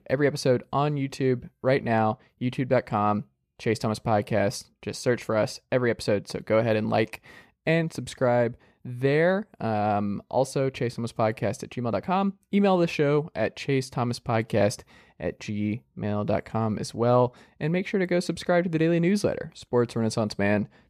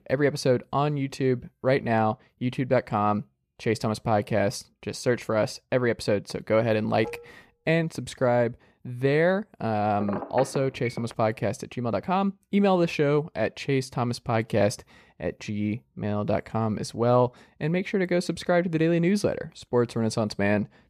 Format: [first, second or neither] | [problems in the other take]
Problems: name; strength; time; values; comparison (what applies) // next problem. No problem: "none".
first | clattering dishes; faint; at 7 s; peak 15 dB below the speech // phone ringing; noticeable; from 10 to 11 s; peak 8 dB below the speech